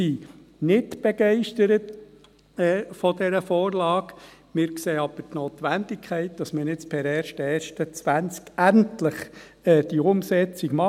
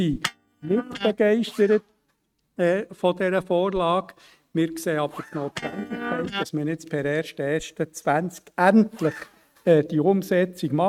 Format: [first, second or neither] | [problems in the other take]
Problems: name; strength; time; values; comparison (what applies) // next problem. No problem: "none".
first | noise reduction (neural mask model RNNoise)